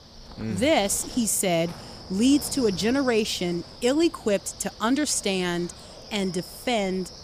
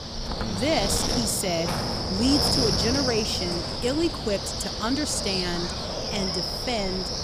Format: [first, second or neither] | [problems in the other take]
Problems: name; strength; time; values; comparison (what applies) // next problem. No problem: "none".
first | wind noise on the microphone; heavy; 2 dB above the speech; occasional gusts in the first